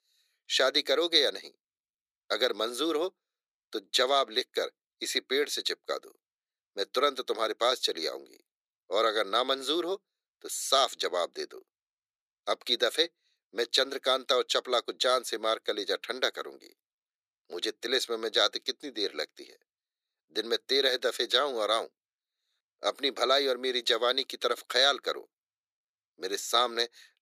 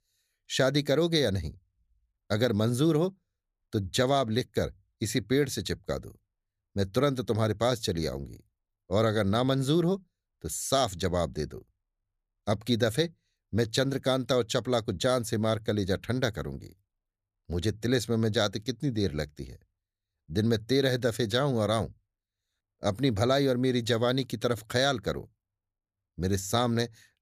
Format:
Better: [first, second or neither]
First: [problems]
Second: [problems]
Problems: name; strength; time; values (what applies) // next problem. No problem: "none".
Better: second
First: thin; very; fading below 350 Hz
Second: none